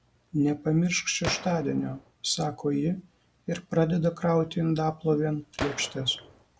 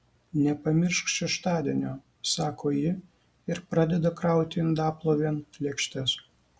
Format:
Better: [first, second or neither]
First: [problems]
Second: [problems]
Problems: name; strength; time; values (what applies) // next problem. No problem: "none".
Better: second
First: background sound (Gunshot, gunfire); 12 dB below the speech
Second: none